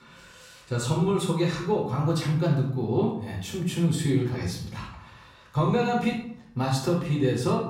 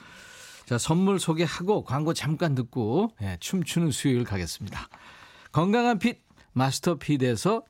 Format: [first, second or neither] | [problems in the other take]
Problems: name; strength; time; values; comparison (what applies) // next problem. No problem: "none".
second | off-mic speech; far // room echo; noticeable; dies away in 0.6 s